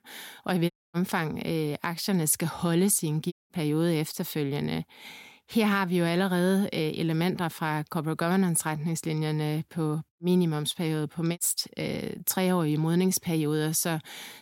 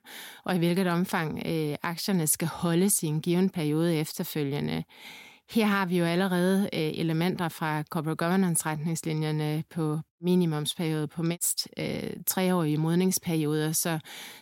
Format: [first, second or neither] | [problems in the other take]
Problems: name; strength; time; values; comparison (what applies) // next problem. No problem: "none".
second | audio cutting out; at 0.5 s and at 3.5 s